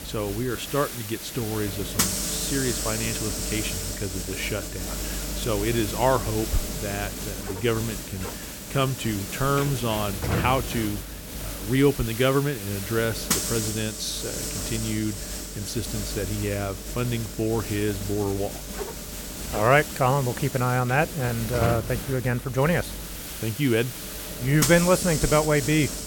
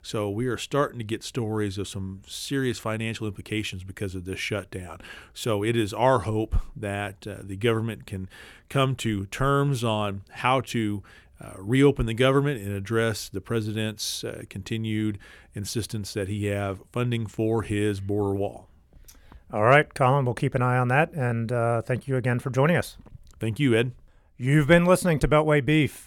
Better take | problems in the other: second | hiss; loud; throughout; 4 dB below the speech

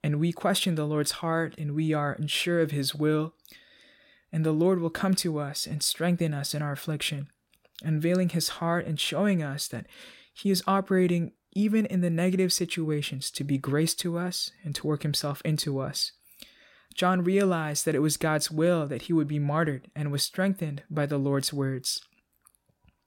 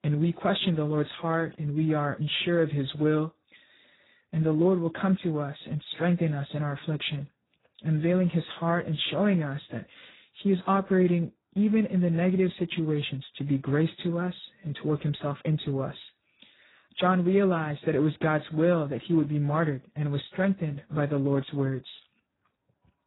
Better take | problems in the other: first | garbled, watery; badly; nothing above 4 kHz

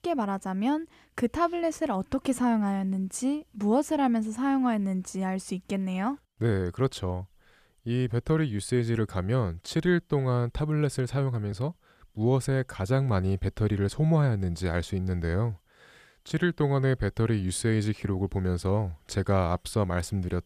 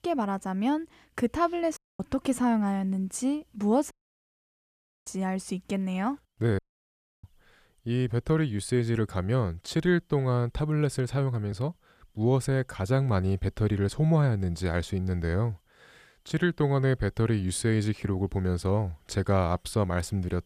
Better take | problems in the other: first | audio cutting out; at 2 s, at 4 s for 1 s and at 6.5 s for 0.5 s

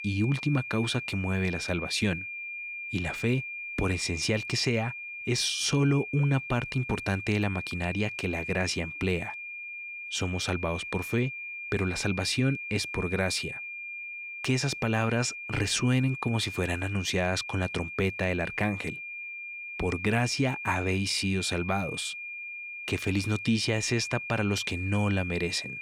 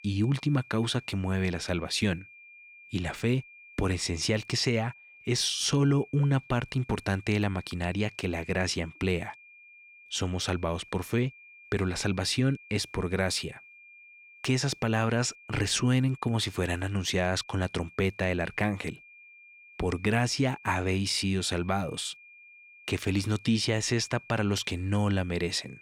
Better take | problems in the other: second | high-pitched whine; loud; throughout; 2.5 kHz, 7 dB below the speech; faint in the second

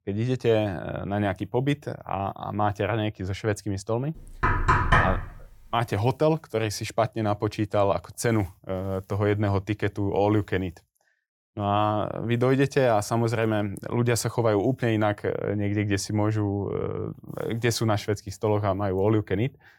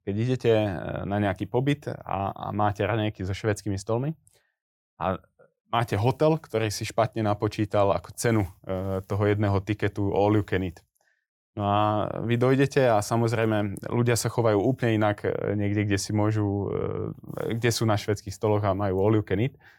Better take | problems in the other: second | door banging; loud; at 4.5 s; peak 6 dB above the speech

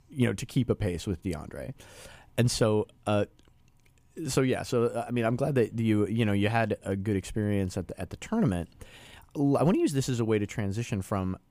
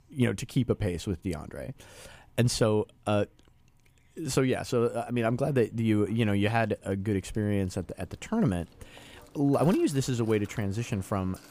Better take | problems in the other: first | machinery noise; faint; throughout; 25 dB below the speech

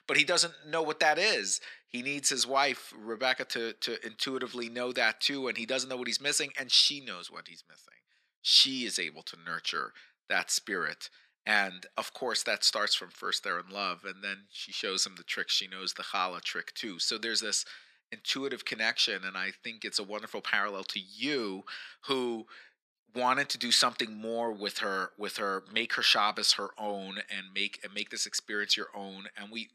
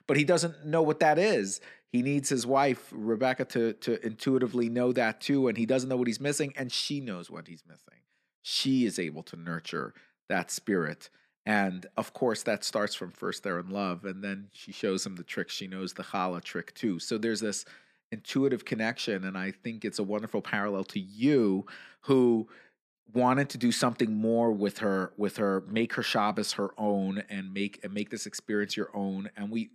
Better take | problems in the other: second | thin; somewhat; fading below 1 kHz

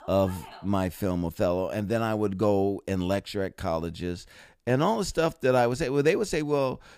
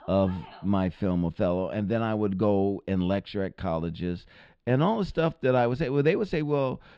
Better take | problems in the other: first | muffled; slightly; fading above 3.5 kHz

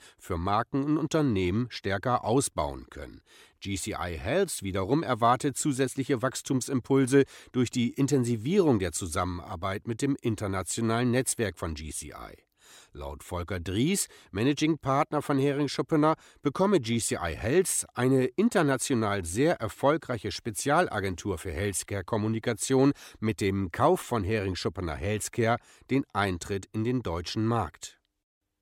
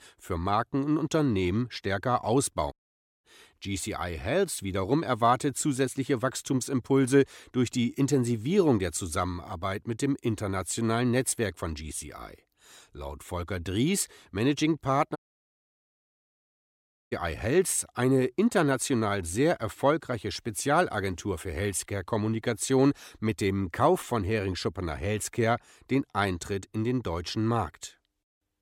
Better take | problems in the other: first | audio cutting out; at 2.5 s for 0.5 s and at 15 s for 2 s

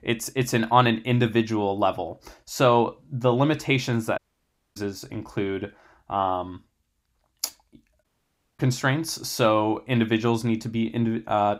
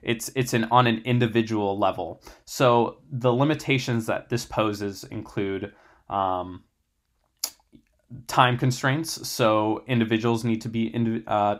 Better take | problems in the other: second | audio cutting out; at 4 s for 0.5 s and at 8 s for 0.5 s

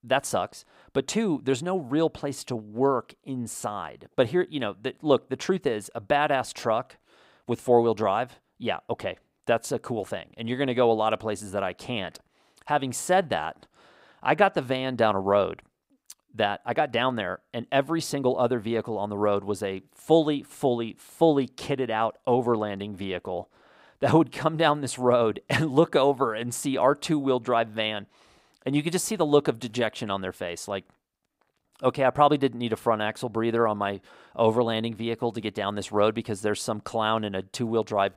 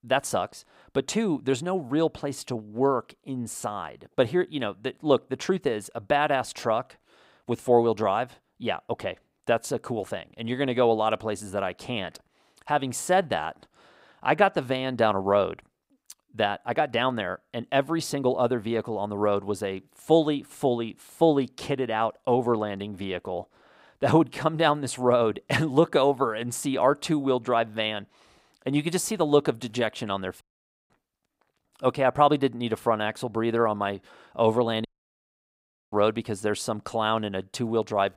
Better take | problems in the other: first | audio cutting out; at 30 s and at 35 s for 1 s

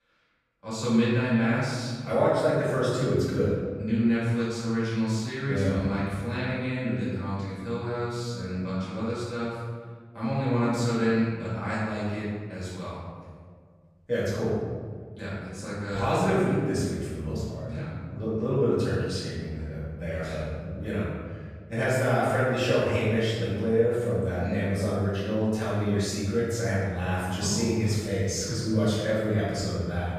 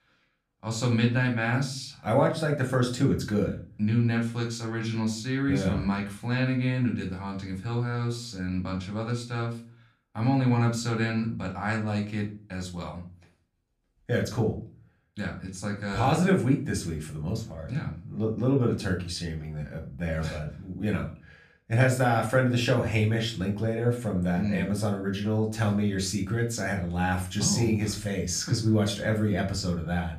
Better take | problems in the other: second | room echo; strong; dies away in 1.6 s; slight in the second // off-mic speech; far; somewhat distant in the second

